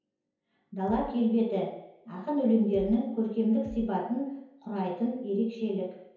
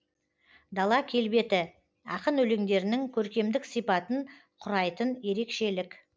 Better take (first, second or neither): second